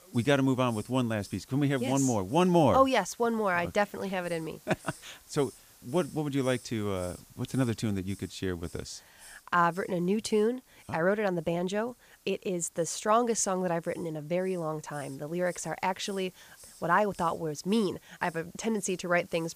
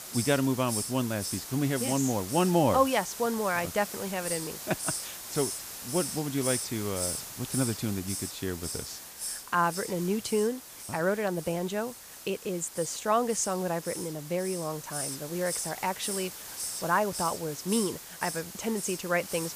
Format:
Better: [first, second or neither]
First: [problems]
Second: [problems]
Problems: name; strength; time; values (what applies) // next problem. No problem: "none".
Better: first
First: hiss; faint; throughout; 25 dB below the speech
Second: hiss; loud; throughout; 5 dB below the speech